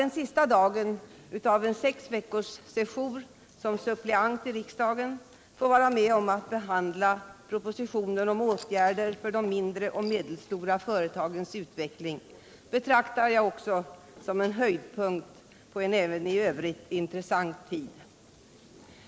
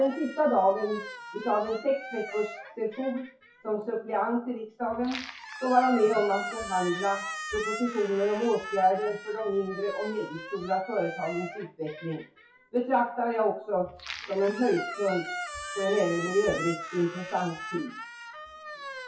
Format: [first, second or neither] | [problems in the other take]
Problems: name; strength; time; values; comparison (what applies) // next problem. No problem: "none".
first | noise reduction (classical method WPE with log-MMSE)